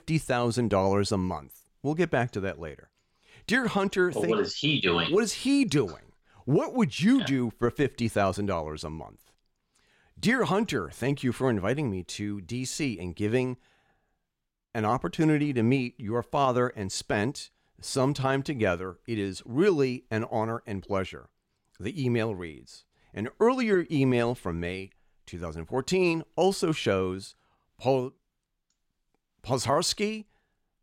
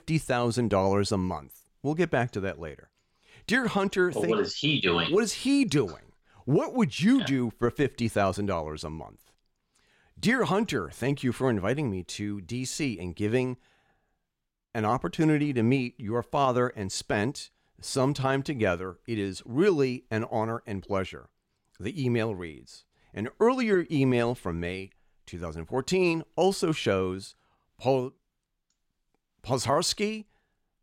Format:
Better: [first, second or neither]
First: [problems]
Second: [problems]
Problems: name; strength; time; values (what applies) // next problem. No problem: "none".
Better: neither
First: none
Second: none